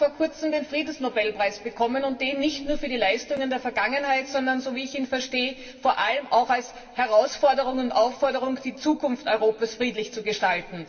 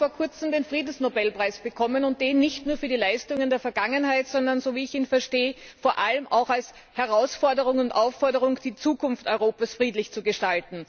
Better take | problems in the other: second | room echo; dies away in 1.9 s

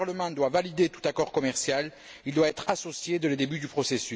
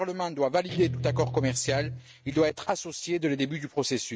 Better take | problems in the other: first | noise reduction (neural mask model RNNoise)

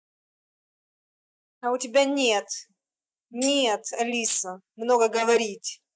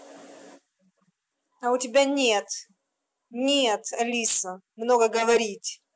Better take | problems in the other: second | noise reduction (neural mask model DeepFilterNet 3)

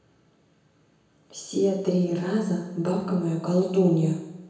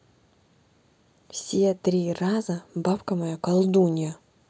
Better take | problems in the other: second | room echo; dies away in 0.9 s

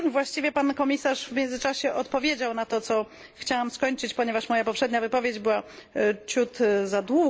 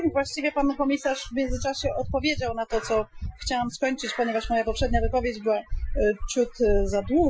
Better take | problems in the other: first | noise reduction (classical method Wiener filter)

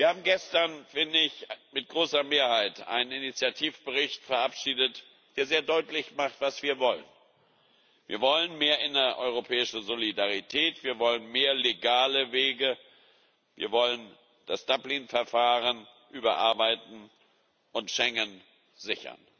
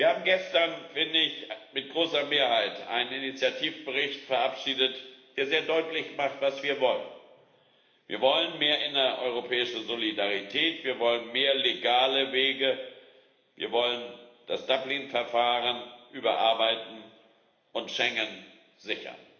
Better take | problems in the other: first | room echo; dies away in 1.1 s

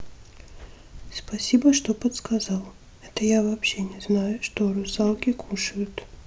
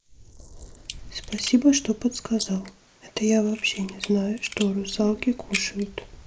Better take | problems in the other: first | noise reduction (neural mask model Resemble Enhance denoiser)

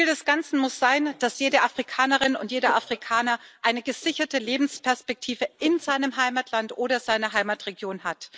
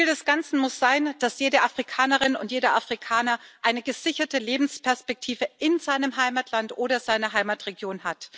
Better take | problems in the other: second | noise reduction (neural mask model Resemble Enhance denoiser)

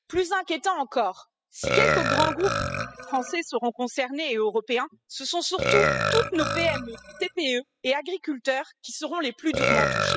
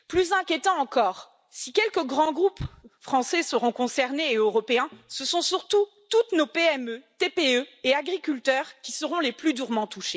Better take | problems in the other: second | noise reduction (classical method spectral subtraction)

